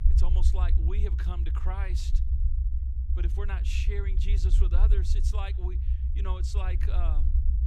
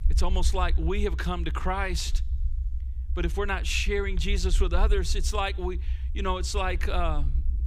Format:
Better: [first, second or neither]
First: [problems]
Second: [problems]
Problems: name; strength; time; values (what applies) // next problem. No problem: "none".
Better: second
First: low rumble; loud; throughout; 6 dB below the speech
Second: low rumble; faint; throughout; 20 dB below the speech